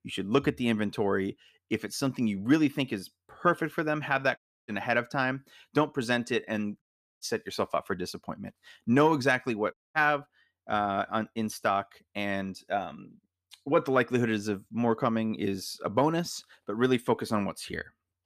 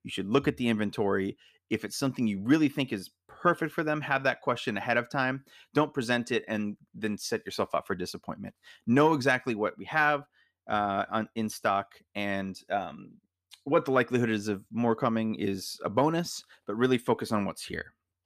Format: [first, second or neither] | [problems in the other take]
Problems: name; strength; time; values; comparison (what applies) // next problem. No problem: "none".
second | audio cutting out; at 4.5 s, at 7 s and at 9.5 s